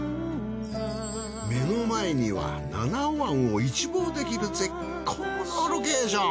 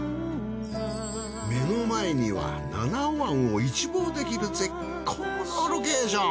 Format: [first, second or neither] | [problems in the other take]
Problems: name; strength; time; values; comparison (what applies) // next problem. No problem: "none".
first | background sound (Wind instrument, woodwind instrument); 20 dB below the speech